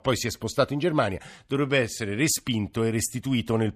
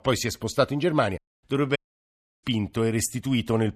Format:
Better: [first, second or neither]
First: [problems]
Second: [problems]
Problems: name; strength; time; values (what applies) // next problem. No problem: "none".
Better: first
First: none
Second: audio cutting out; at 1 s and at 2 s for 0.5 s